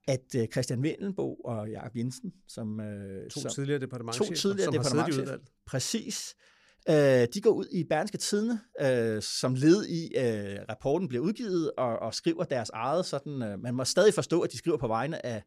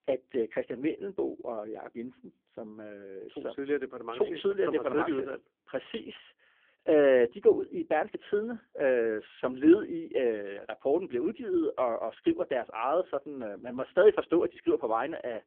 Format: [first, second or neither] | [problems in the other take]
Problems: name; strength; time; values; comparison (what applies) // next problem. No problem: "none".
first | phone-call audio; poor line; nothing above 3.5 kHz